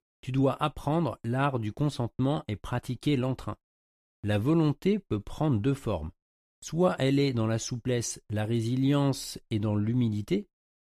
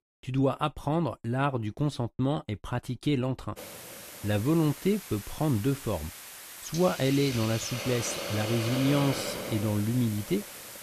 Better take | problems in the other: first | hiss; loud; from 3.5 s on; 8 dB below the speech

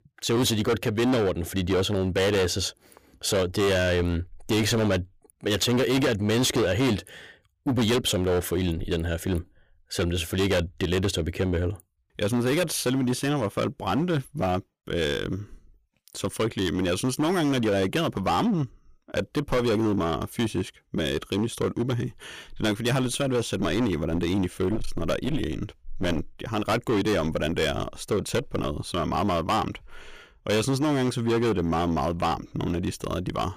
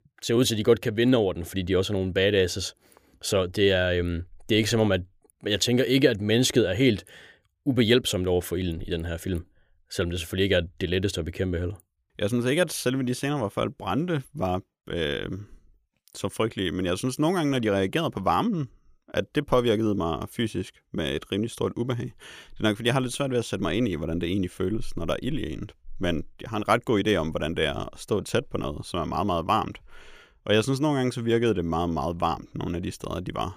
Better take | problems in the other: second | distortion; heavy; 14% of the sound clipped

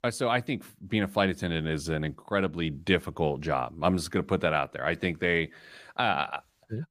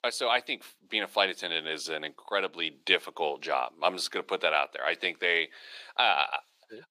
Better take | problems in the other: first | thin; very; fading below 400 Hz

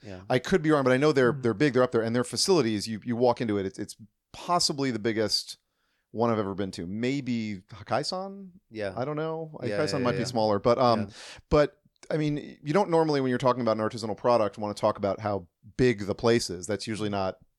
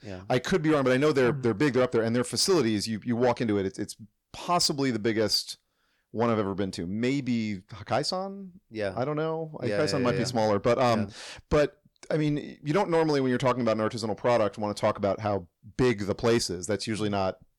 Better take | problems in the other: first | distortion; slight; 10 dB below the speech

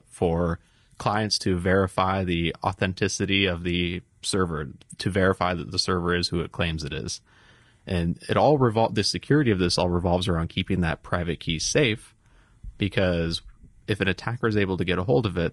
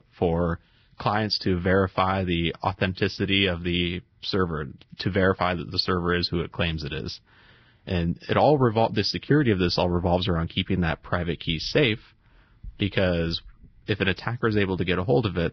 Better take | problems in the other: first | garbled, watery; badly; nothing above 5 kHz; slightly in the first

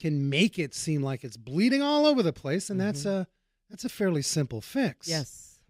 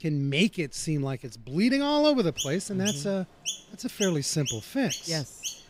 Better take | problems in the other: first | animal sounds; loud; throughout; 7 dB below the speech

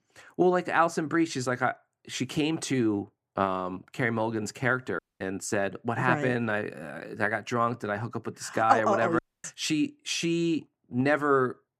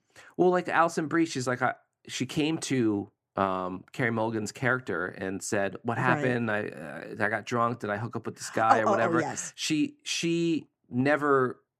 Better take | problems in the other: second | audio cutting out; at 5 s and at 9 s

